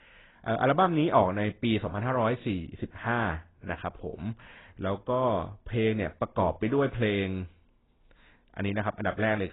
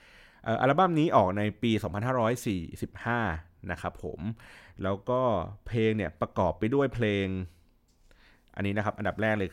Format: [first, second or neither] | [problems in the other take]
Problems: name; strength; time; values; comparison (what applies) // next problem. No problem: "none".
second | garbled, watery; badly; nothing above 4 kHz